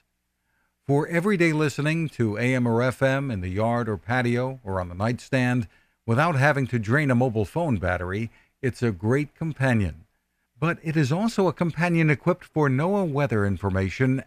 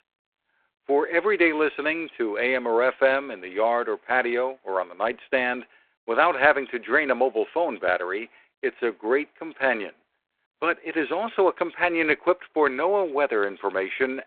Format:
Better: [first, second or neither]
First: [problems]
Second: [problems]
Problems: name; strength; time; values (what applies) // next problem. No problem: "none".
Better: first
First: none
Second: phone-call audio; nothing above 4 kHz